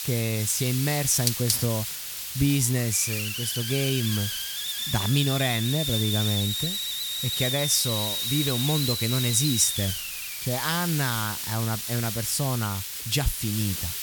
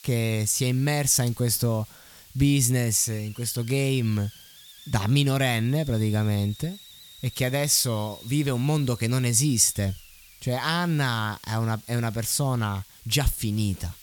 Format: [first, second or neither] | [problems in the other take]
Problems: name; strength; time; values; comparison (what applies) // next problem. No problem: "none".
second | hiss; loud; throughout; 2 dB below the speech; faint in the second